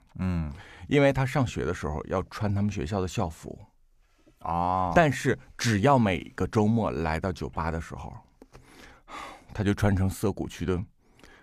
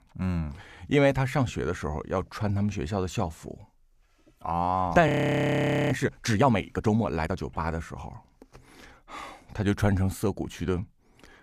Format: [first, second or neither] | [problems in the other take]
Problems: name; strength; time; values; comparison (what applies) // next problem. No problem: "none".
first | audio freezing; at 5 s for 1 s